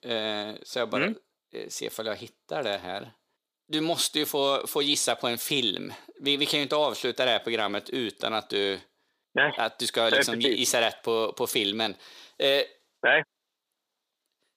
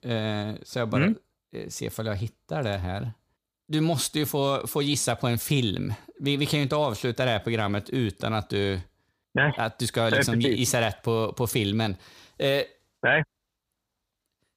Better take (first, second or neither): second